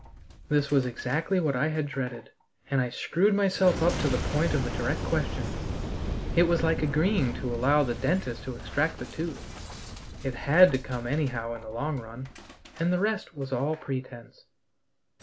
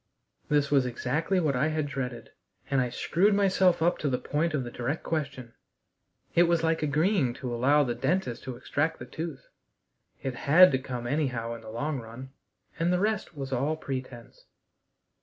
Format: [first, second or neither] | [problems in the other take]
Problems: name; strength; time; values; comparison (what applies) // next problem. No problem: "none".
second | background sound (Boom); 8 dB below the speech